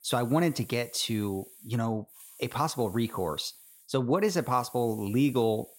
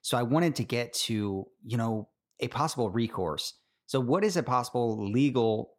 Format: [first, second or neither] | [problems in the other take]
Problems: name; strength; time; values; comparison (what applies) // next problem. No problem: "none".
second | hiss; noticeable; throughout; 20 dB below the speech